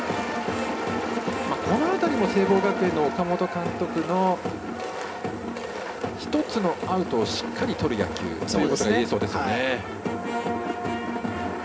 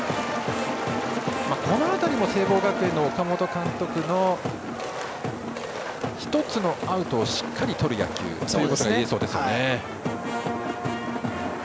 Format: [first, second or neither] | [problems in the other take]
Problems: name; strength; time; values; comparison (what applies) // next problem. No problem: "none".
second | room echo; dies away in 0.3 s